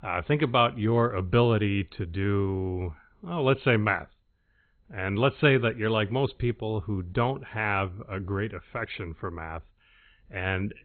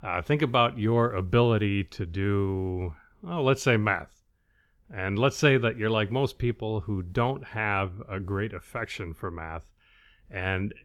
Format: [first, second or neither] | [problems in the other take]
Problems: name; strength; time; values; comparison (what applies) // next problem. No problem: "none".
second | garbled, watery; badly; nothing above 3.5 kHz